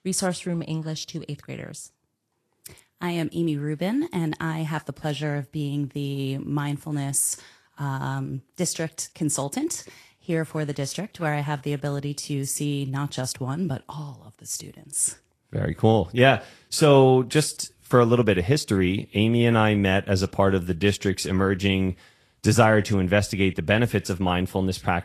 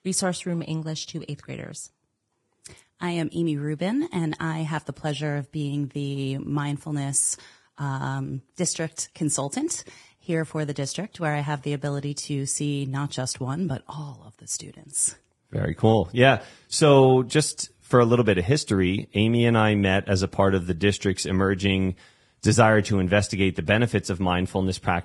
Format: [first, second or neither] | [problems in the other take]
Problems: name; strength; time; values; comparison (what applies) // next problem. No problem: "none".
first | garbled, watery; badly; nothing above 10 kHz; slightly in the first